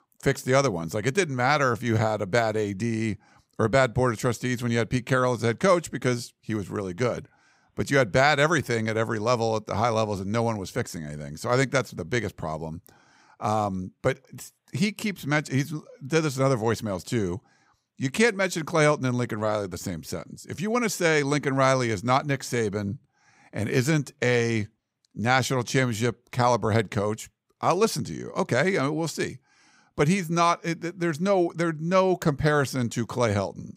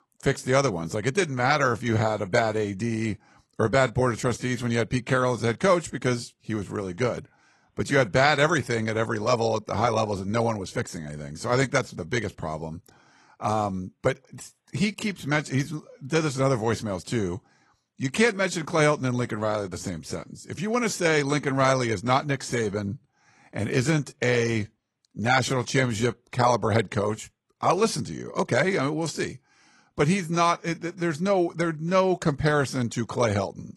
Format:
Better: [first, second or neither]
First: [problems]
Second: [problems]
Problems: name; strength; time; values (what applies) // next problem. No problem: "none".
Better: first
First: none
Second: garbled, watery; slightly; nothing above 11.5 kHz